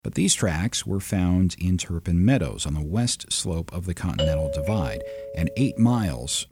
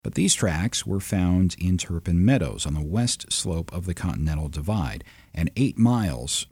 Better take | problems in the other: second | doorbell; noticeable; from 4 to 6 s; peak 2 dB below the speech

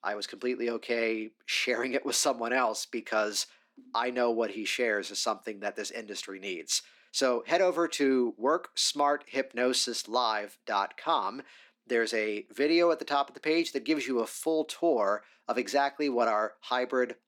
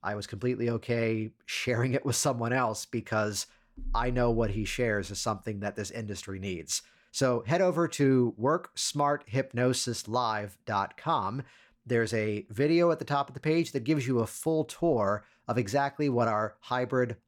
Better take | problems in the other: second | thin; very slightly; fading below 250 Hz

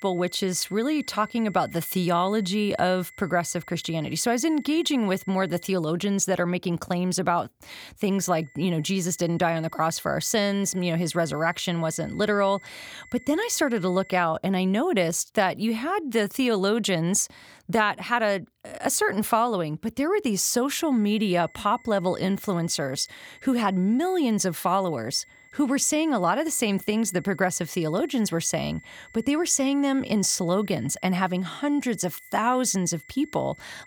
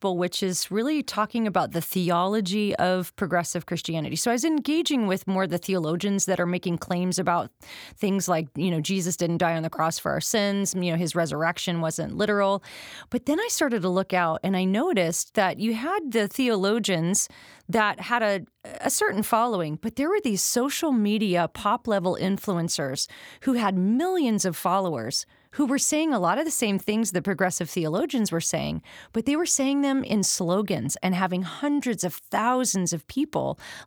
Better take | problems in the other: second | high-pitched whine; faint; until 5.5 s, from 8 to 14 s and from 21 s on; 2 kHz, 25 dB below the speech

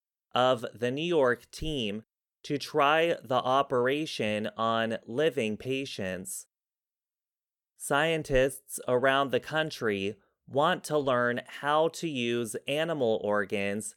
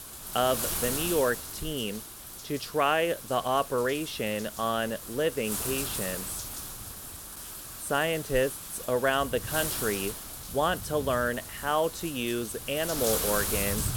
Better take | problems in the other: first | wind noise on the microphone; heavy; 9 dB below the speech

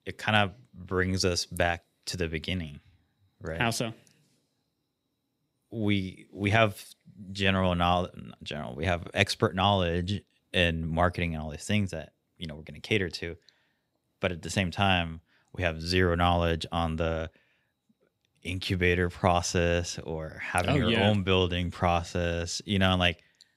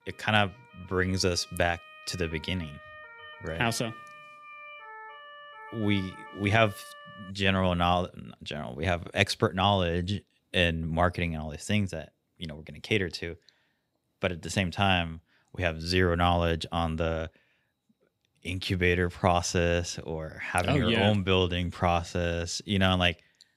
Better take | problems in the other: first | siren; faint; until 7.5 s; peak 15 dB below the speech

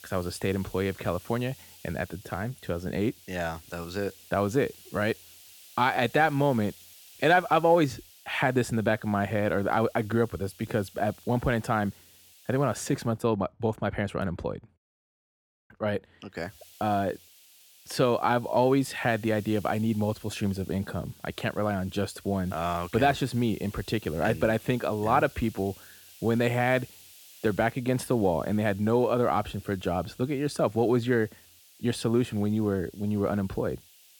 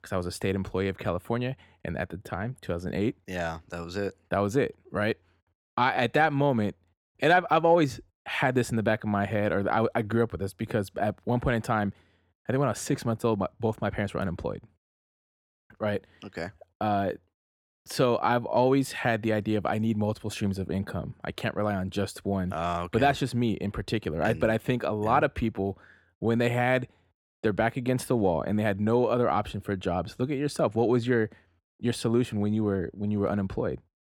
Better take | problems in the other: second | hiss; faint; until 13 s and from 16 s on; 20 dB below the speech

